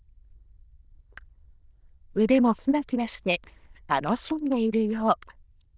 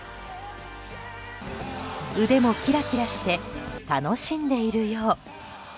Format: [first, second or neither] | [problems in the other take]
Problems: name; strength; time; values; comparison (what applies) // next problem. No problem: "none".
second | noise reduction (neural diffusion model UNIVERSE++)